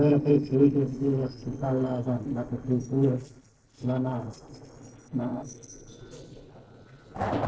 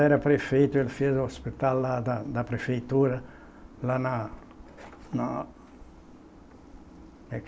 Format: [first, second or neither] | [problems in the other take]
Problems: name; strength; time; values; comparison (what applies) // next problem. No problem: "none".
second | noise reduction (neural separator model SepFormer DNS4)